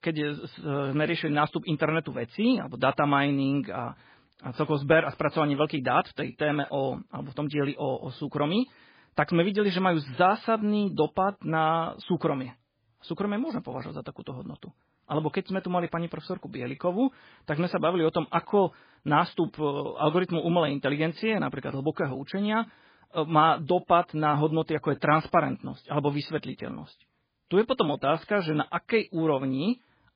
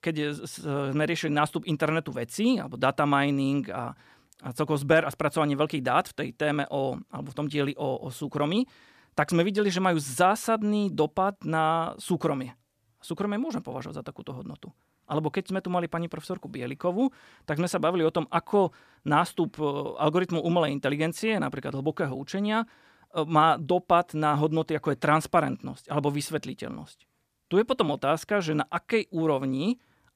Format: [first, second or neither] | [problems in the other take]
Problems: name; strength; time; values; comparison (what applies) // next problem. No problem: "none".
second | garbled, watery; badly; nothing above 4 kHz